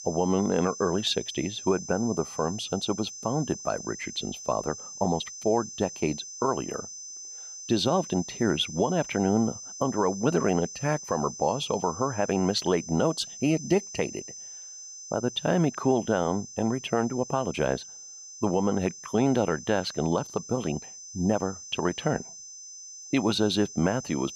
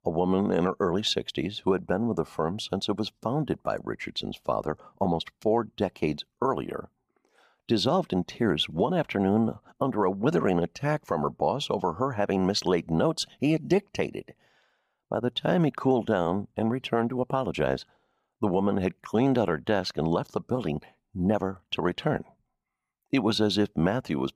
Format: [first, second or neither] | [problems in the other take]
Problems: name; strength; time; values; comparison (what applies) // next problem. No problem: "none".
second | high-pitched whine; noticeable; throughout; 6 kHz, 10 dB below the speech